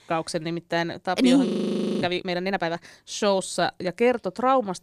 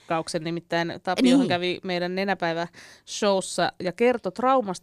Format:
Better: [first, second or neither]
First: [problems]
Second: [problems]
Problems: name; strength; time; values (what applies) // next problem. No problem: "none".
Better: second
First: audio freezing; at 1.5 s for 0.5 s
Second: none